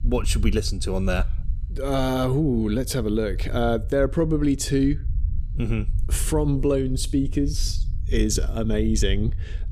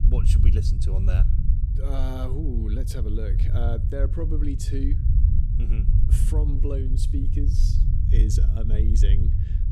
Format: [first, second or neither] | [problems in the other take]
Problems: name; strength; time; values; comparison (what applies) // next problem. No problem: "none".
first | low rumble; loud; throughout; 3 dB below the speech; faint in the first